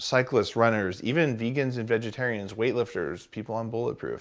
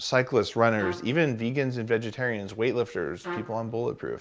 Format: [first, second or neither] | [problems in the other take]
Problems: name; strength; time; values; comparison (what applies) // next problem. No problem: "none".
first | background sound (Trumpet); 12 dB below the speech